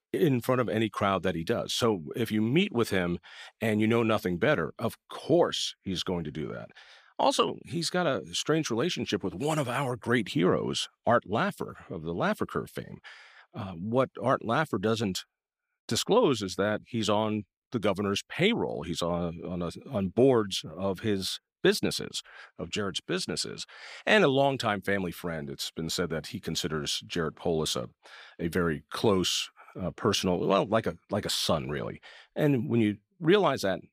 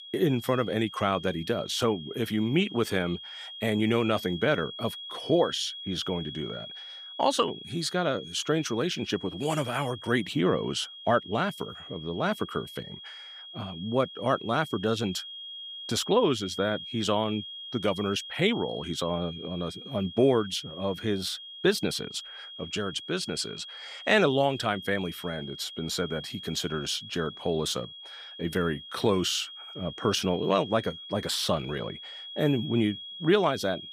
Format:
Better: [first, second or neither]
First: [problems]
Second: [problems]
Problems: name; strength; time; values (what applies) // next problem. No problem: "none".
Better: first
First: none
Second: high-pitched whine; noticeable; throughout; 3.5 kHz, 10 dB below the speech